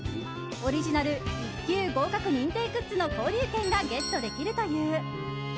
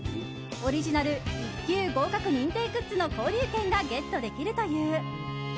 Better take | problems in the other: second | background sound (Wind instrument, woodwind instrument + Doorbell); 13 dB below the speech

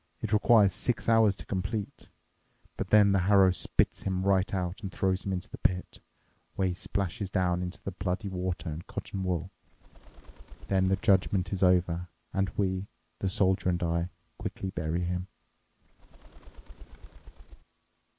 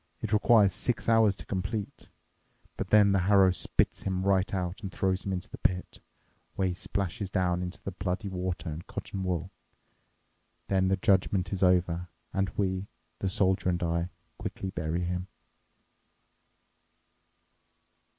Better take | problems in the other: second | background sound (Bird); 17 dB below the speech

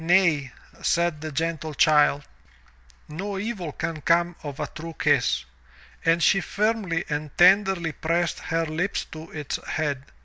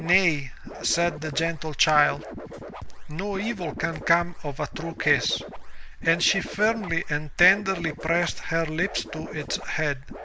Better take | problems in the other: first | background sound (Scratching (performance technique)); 9 dB below the speech

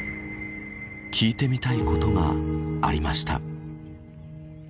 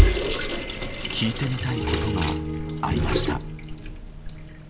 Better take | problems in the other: first | background sound (Sink (filling or washing) / Water tap, faucet); 3 dB above the speech

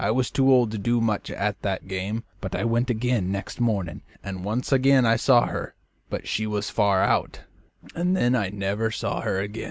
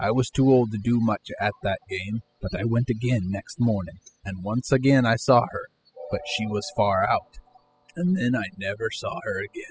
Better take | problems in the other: first | noise reduction (classical method spectral subtraction)

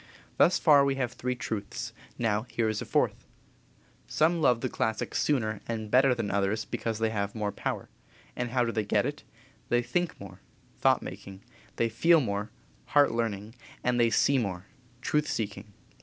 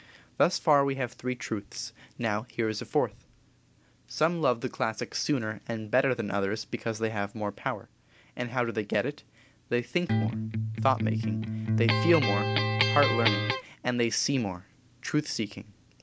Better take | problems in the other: first | background sound (Electric guitar); 3 dB above the speech

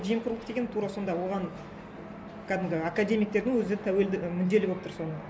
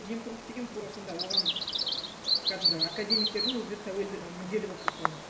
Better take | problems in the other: first | background sound (Bird vocalization, bird call, bird song); 4 dB above the speech // room echo; dies away in 0.9 s

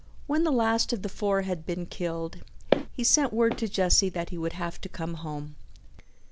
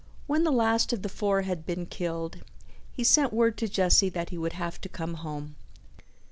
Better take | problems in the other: second | background sound (Walk, footsteps); 7 dB below the speech

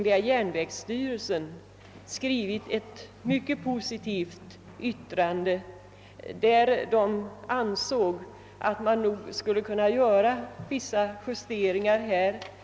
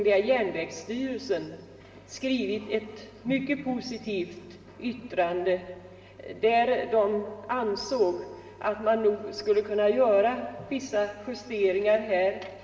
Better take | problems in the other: first | room echo; dies away in 1.8 s

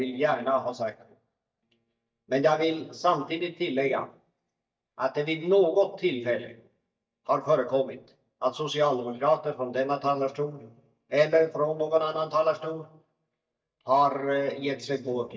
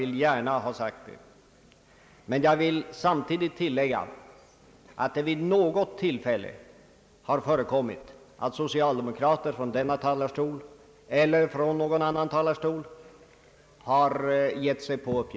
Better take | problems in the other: second | noise reduction (neural mask model DeepFilterNet 3)

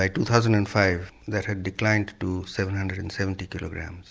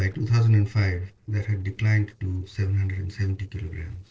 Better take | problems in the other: first | noise reduction (neural separator model SepFormer DNS4)

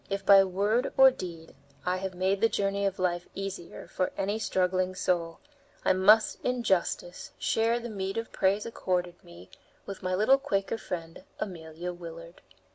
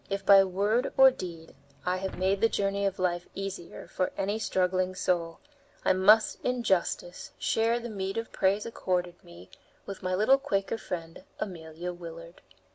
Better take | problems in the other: first | background sound (Boom); 18 dB below the speech

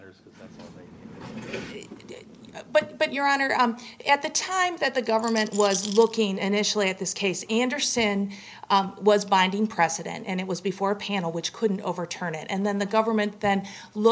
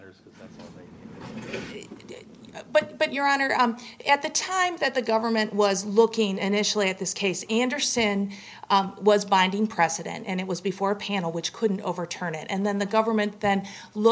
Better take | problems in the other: second | background sound (Rattle); 11 dB below the speech

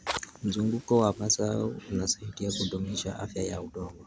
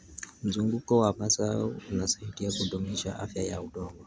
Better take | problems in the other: second | background sound (Fire); 15 dB below the speech

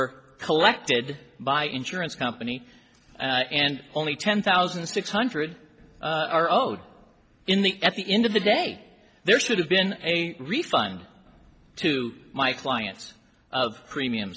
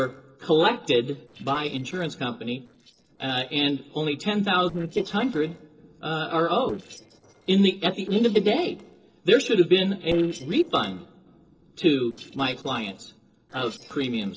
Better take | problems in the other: first | noise reduction (neural separator model SepFormer DNS4)

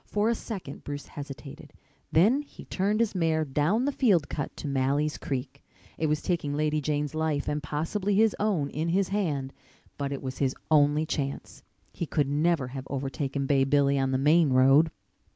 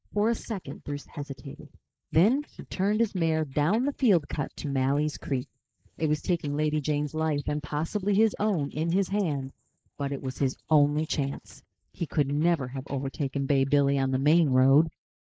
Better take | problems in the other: first | noise reduction (neural mask model Resemble Enhance denoiser)

